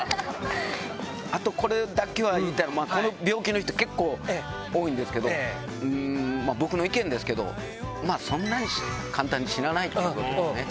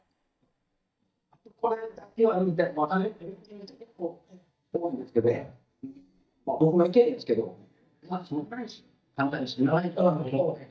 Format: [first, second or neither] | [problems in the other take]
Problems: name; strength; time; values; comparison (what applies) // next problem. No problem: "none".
first | noise reduction (neural mask model DeepFilterNet 3)